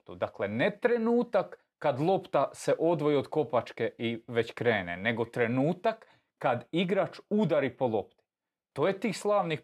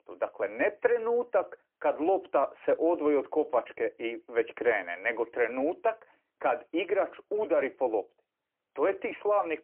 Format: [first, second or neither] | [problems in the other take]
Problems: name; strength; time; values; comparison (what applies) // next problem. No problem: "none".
first | phone-call audio; poor line